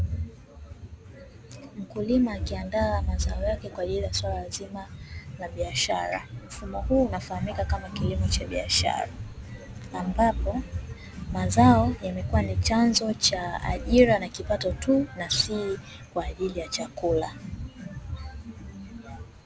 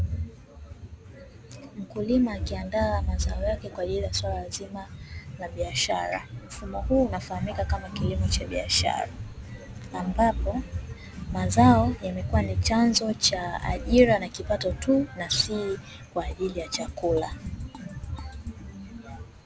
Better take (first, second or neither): first